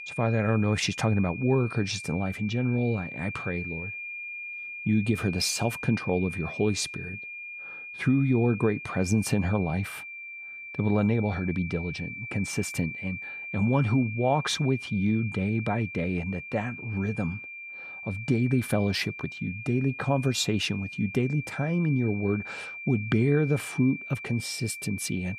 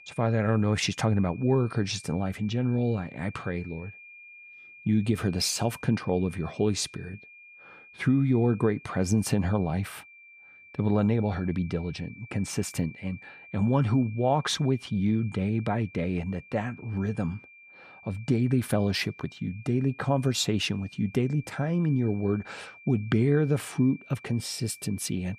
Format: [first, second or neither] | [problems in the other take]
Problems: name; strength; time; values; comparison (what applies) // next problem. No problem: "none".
second | high-pitched whine; loud; throughout; 2.5 kHz, 10 dB below the speech; faint in the second